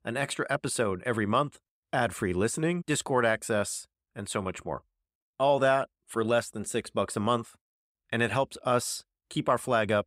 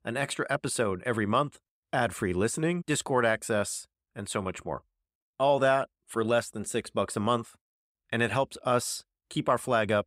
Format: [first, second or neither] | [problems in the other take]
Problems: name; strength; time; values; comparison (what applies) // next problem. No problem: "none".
neither | none